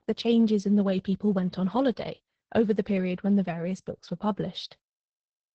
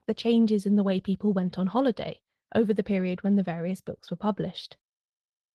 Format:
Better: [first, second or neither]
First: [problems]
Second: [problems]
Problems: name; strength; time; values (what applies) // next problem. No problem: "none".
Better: second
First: garbled, watery; badly; nothing above 8 kHz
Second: garbled, watery; slightly; nothing above 13 kHz